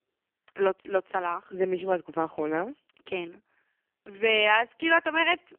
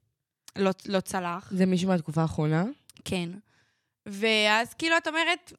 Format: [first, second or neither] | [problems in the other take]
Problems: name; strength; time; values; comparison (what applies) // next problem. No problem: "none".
second | phone-call audio; poor line; nothing above 3 kHz